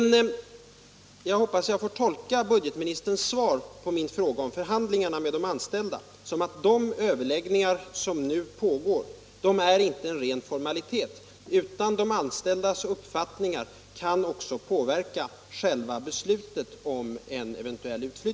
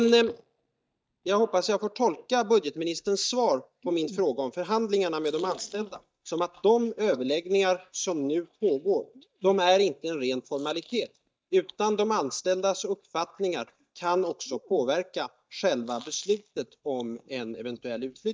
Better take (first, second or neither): first